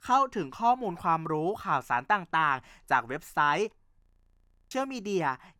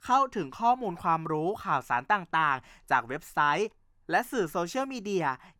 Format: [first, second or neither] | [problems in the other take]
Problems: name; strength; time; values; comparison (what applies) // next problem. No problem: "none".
second | audio freezing; at 4 s for 0.5 s